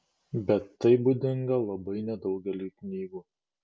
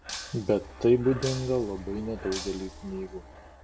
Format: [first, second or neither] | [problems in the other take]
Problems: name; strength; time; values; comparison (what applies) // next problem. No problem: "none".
first | background sound (Breathing + Shatter); 12 dB below the speech